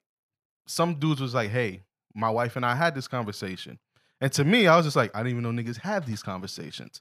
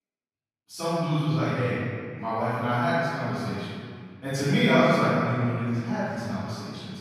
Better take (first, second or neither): first